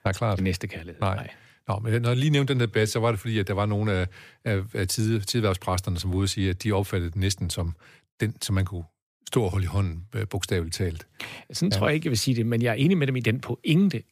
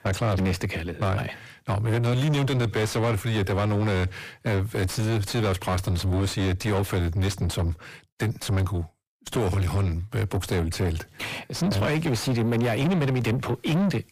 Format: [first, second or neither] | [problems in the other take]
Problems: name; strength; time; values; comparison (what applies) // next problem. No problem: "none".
first | distortion; heavy; 6 dB below the speech